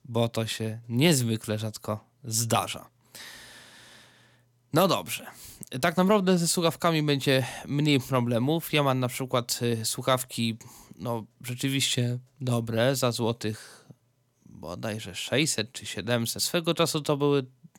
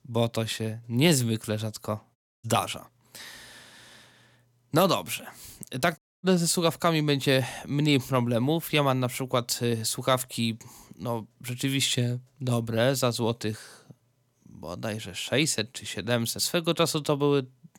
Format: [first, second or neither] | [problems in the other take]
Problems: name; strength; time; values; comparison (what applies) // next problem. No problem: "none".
first | audio cutting out; at 2 s and at 6 s